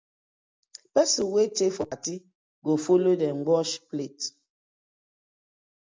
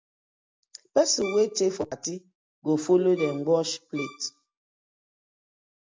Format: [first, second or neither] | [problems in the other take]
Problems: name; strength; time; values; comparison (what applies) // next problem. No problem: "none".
first | background sound (Bowed string instrument); 16 dB below the speech